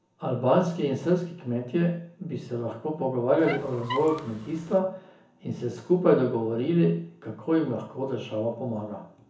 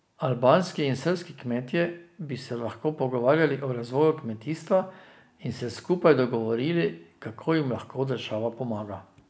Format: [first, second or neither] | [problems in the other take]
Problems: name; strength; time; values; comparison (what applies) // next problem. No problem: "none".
second | background sound (Squeak); 10 dB below the speech // room echo; dies away in 0.6 s